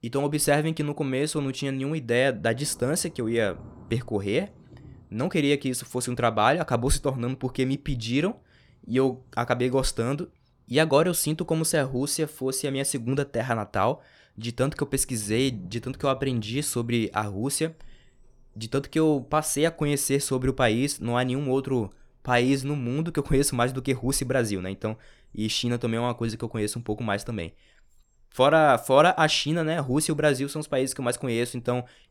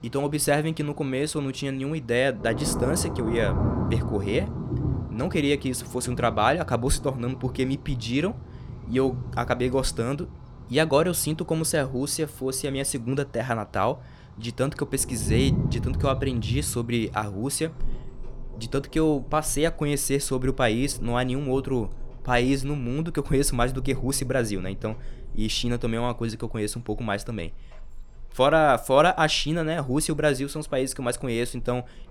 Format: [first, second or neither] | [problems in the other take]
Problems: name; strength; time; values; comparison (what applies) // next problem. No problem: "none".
first | rain or running water; loud; throughout; 9 dB below the speech; faint in the first